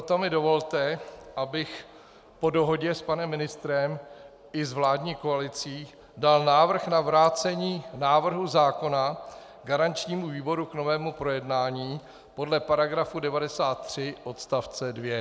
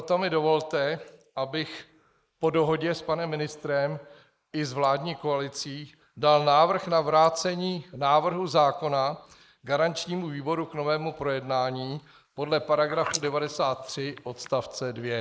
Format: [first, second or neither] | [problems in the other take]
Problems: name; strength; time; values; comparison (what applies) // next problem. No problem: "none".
first | noise reduction (neural mask model Resemble Enhance denoiser)